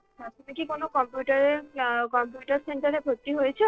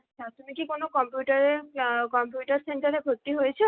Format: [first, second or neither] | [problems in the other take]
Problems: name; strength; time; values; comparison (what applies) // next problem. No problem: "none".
second | noise reduction (neural separator model SepFormer DNS4)